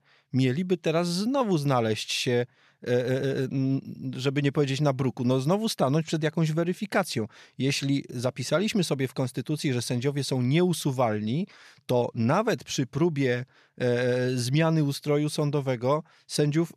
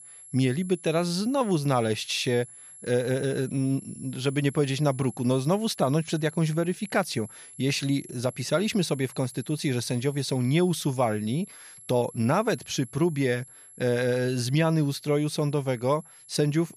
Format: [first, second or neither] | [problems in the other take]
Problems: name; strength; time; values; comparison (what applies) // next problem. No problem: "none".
first | high-pitched whine; noticeable; throughout; 11 kHz, 20 dB below the speech